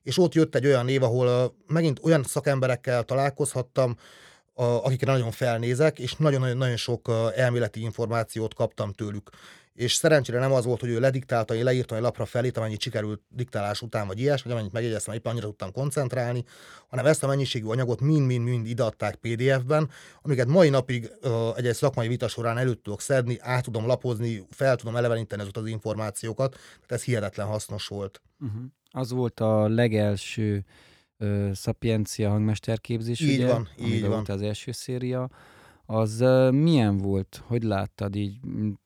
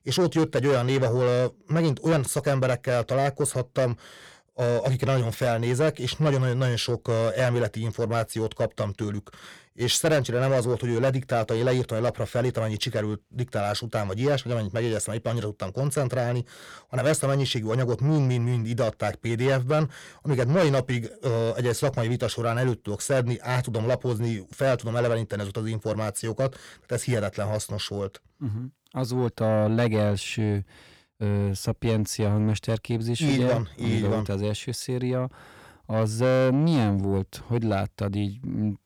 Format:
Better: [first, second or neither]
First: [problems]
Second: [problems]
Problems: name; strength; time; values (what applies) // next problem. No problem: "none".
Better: first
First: none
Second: distortion; slight; 10 dB below the speech